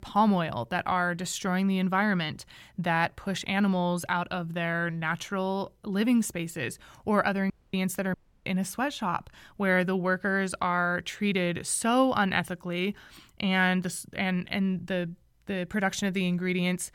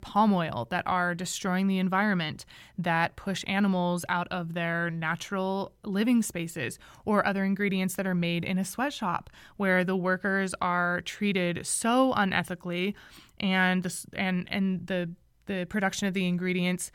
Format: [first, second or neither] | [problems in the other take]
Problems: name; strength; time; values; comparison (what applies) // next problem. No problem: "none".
second | audio cutting out; at 7.5 s and at 8 s